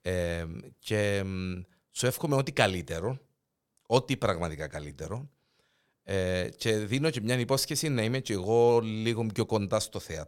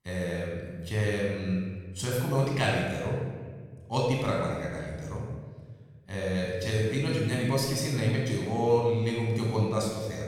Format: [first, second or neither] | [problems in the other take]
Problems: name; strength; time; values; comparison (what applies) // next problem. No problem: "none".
first | off-mic speech; far // room echo; noticeable; dies away in 1.5 s